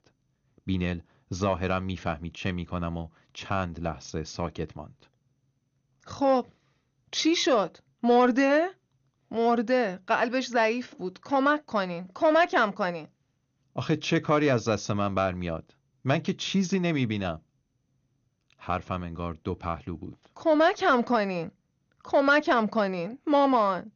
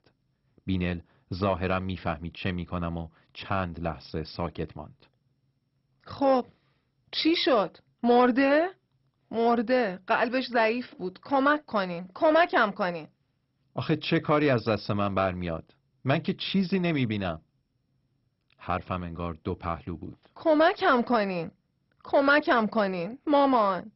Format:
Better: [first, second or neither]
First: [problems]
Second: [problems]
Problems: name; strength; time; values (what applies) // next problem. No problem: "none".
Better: first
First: garbled, watery; slightly; nothing above 6.5 kHz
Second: garbled, watery; badly; nothing above 5.5 kHz